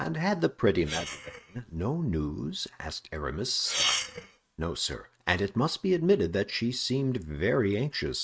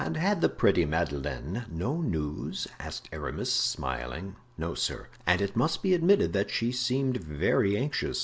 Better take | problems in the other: second | noise reduction (neural mask model RNNoise)

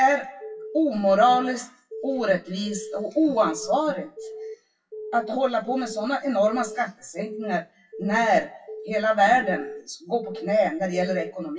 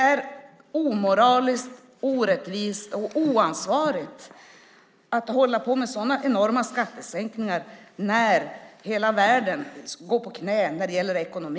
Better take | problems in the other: second | noise reduction (classical method WPE with log-MMSE)

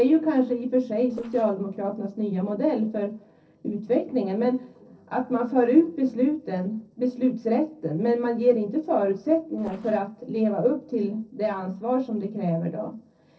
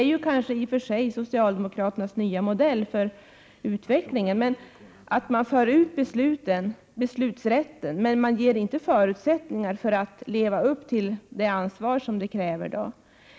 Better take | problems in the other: second | noise reduction (neural separator model SepFormer DNS4)

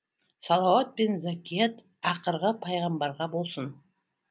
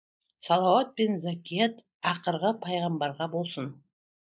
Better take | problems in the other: first | noise reduction (neural mask model Resemble Enhance denoiser)

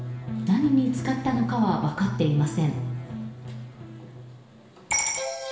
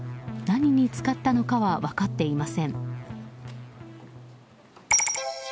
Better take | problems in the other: second | room echo; dies away in 0.8 s

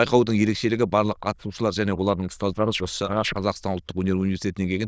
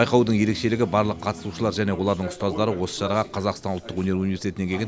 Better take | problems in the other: second | noise reduction (neural diffusion model UNIVERSE++)

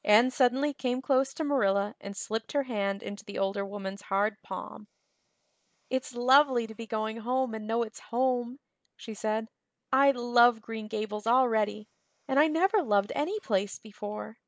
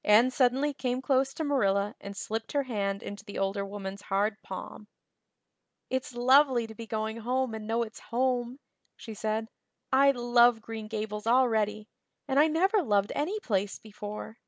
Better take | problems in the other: second | noise reduction (neural mask model Resemble Enhance denoiser)

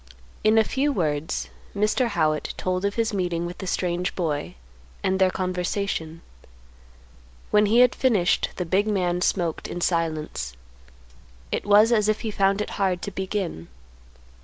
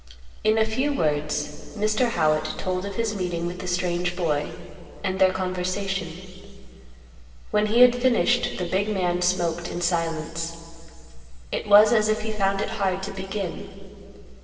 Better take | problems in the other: first | room echo; dies away in 2.5 s

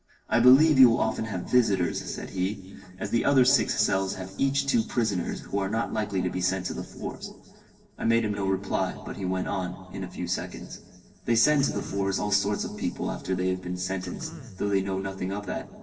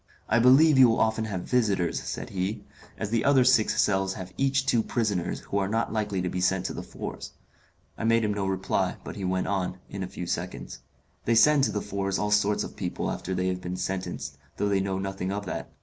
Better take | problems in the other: second | noise reduction (neural separator model SepFormer DNS4)

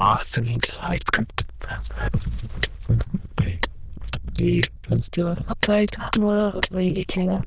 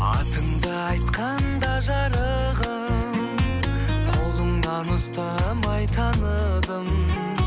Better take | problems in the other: second | noise reduction (neural diffusion model UNIVERSE++)

